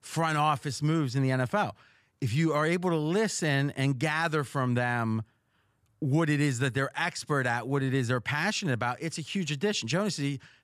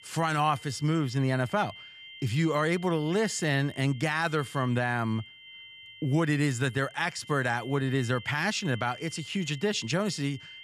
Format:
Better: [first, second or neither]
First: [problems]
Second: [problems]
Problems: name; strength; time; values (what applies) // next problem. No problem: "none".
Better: first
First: none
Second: high-pitched whine; noticeable; throughout; 3 kHz, 15 dB below the speech